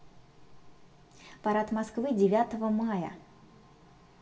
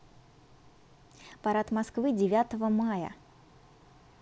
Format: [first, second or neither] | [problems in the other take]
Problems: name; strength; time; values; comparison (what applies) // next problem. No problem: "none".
second | room echo; dies away in 0.8 s